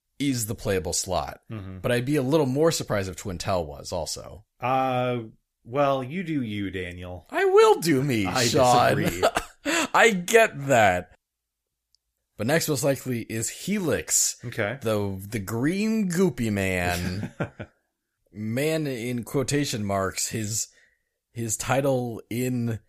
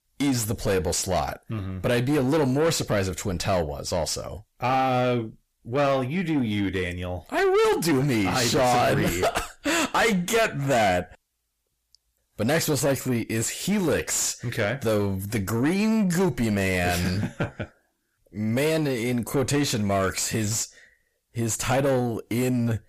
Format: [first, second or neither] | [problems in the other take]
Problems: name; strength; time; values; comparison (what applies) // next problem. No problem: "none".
first | distortion; heavy; 7 dB below the speech